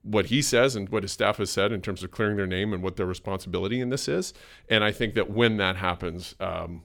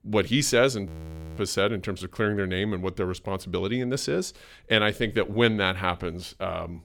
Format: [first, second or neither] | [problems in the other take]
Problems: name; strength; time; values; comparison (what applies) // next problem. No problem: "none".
first | audio freezing; at 1 s for 0.5 s